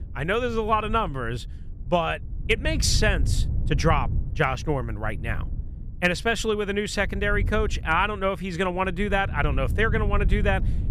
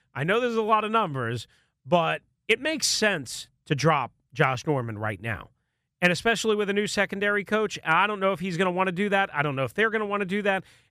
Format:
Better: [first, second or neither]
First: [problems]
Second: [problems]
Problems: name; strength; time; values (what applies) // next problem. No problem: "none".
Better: second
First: wind noise on the microphone; occasional gusts; 20 dB below the speech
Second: none